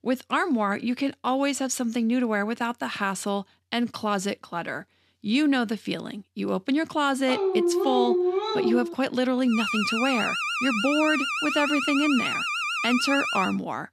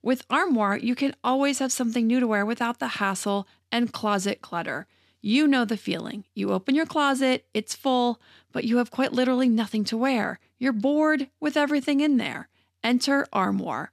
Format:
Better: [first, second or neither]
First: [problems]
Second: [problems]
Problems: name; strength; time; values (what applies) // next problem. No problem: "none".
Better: second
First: dog barking; loud; from 7.5 to 9 s; peak 3 dB above the speech // alarm; loud; from 9.5 s on; peak level with the speech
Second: none